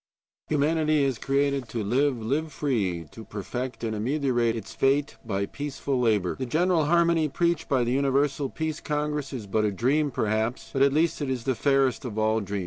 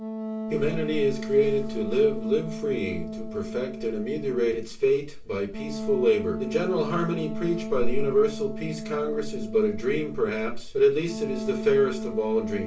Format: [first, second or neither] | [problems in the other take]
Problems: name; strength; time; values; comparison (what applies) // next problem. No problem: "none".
first | background sound (Wind instrument, woodwind instrument); 9 dB below the speech // room echo; dies away in 0.3 s